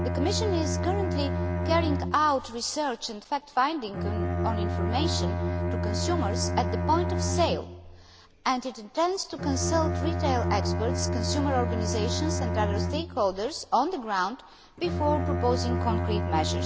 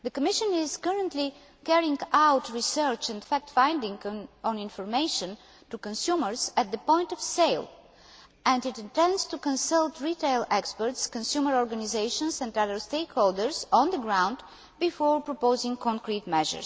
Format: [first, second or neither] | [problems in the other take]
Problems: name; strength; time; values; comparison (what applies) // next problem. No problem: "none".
second | background sound (Bowed string instrument); as loud as the speech